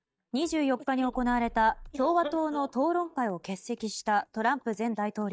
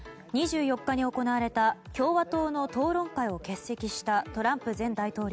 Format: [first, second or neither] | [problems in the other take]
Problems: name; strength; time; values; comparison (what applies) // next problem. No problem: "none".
second | noise reduction (neural mask model DeepFilterNet 3)